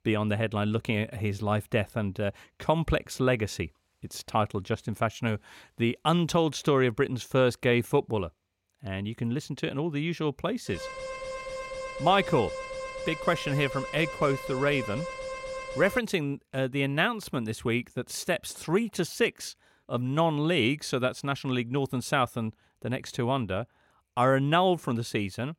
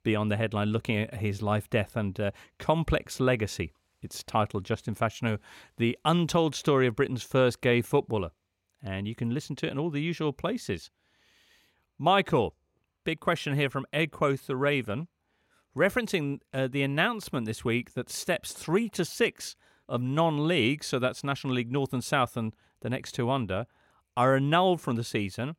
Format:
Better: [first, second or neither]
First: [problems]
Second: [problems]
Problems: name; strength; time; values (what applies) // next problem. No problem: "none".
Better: second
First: alarm; noticeable; from 11 to 16 s; peak 8 dB below the speech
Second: none